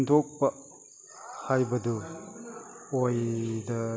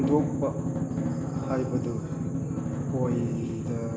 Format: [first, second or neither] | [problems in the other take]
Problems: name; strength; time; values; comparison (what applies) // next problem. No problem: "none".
first | background sound (Drum); 2 dB above the speech // room echo; dies away in 1.8 s